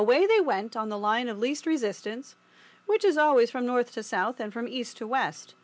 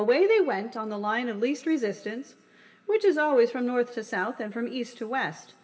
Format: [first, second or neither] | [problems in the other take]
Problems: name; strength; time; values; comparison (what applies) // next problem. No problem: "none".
first | room echo; dies away in 2 s